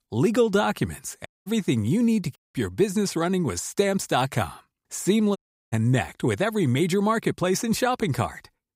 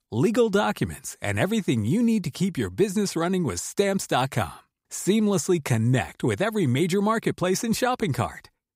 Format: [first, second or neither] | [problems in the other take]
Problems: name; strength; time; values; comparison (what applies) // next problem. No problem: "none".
second | audio cutting out; at 1.5 s, at 2.5 s and at 5.5 s